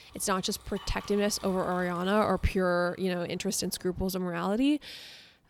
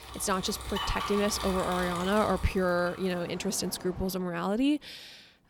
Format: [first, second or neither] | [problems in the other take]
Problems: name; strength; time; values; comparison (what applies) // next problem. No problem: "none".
first | traffic noise; loud; throughout; 8 dB below the speech; faint in the first